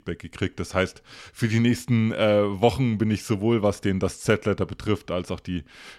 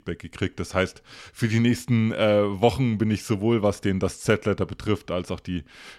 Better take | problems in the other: neither | none

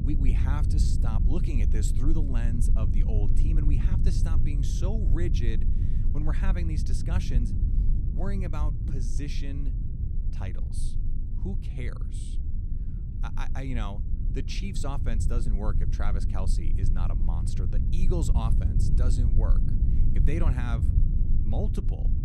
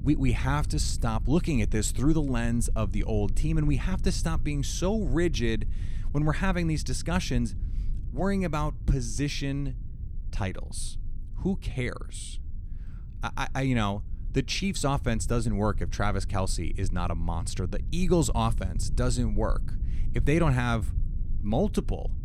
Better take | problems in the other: second | low rumble; loud; throughout; 4 dB below the speech; faint in the second

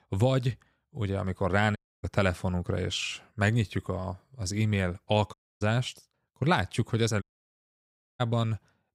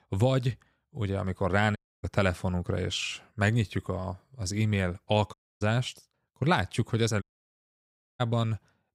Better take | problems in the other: neither | audio cutting out; at 2 s, at 5.5 s and at 7 s for 1 s; the same in both

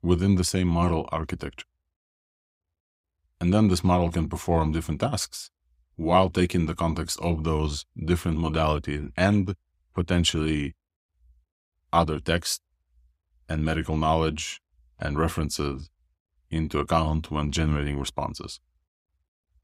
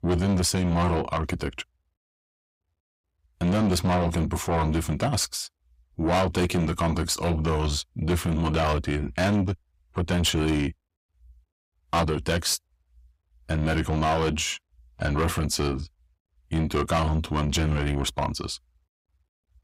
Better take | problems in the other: first | distortion; heavy; 6 dB below the speech

